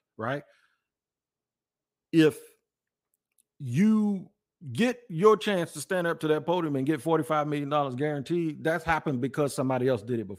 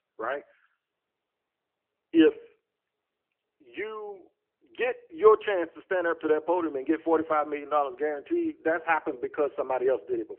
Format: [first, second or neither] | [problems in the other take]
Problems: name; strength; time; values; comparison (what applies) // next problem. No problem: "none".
first | phone-call audio; nothing above 3 kHz